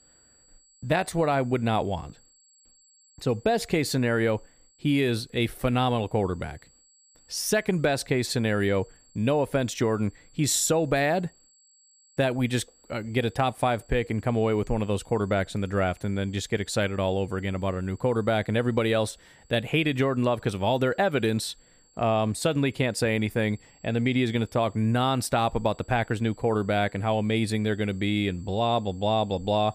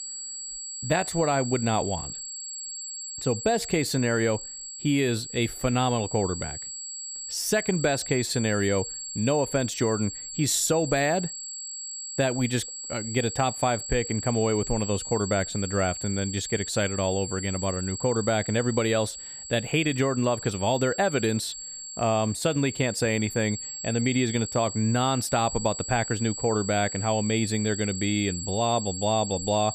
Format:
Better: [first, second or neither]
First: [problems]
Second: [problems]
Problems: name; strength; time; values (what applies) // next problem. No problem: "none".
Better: first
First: high-pitched whine; faint; throughout; 7.5 kHz, 30 dB below the speech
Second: high-pitched whine; loud; throughout; 7.5 kHz, 7 dB below the speech